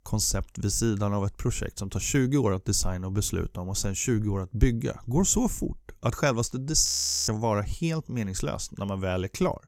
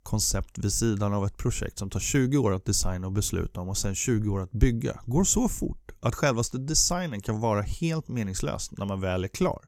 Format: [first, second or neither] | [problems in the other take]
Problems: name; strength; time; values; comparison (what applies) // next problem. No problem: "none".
second | audio freezing; at 7 s